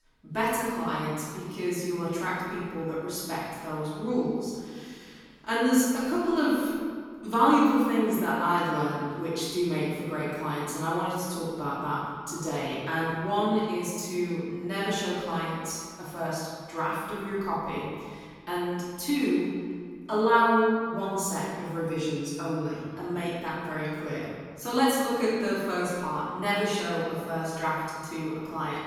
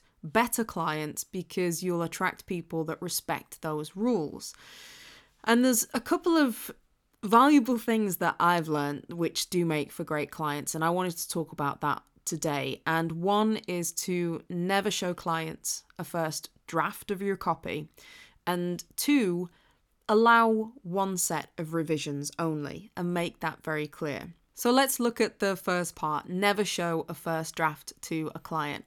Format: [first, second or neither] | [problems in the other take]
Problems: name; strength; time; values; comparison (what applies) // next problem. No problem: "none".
second | off-mic speech; far // room echo; strong; dies away in 1.7 s